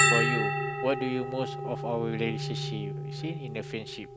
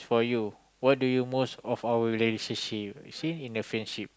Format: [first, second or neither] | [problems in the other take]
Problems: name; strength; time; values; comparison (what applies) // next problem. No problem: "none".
second | background sound (Bell); 3 dB above the speech